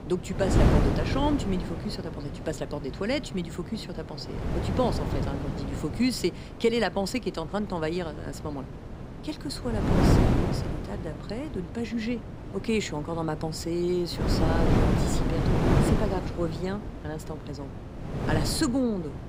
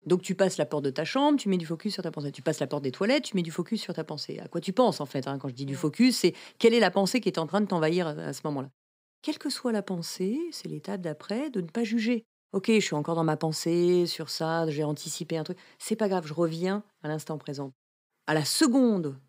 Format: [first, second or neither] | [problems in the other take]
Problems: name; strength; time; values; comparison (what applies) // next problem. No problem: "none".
second | wind noise on the microphone; heavy; 1 dB below the speech